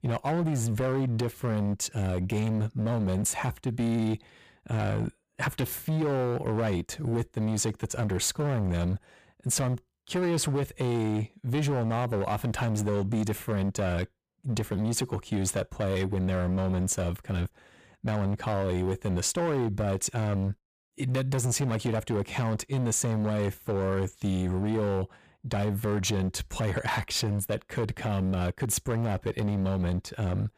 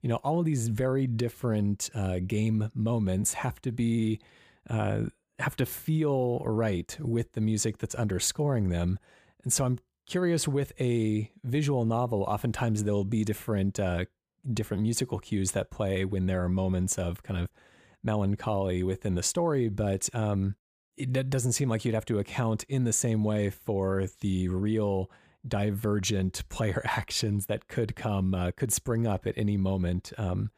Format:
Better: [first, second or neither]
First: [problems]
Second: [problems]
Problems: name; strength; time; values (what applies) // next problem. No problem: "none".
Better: second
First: distortion; slight; 19% of the sound clipped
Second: none